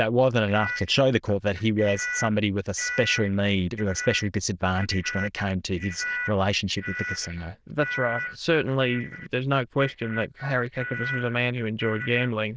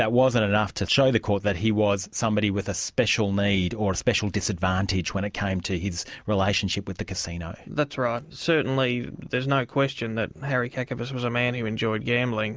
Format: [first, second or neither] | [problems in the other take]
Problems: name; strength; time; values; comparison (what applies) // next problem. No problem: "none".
second | noise reduction (neural diffusion model UNIVERSE++)